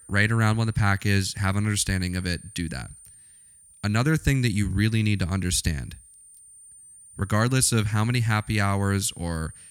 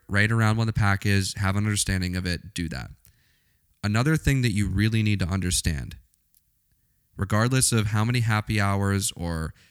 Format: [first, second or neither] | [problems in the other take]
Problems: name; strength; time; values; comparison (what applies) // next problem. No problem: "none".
second | high-pitched whine; faint; throughout; 9 kHz, 20 dB below the speech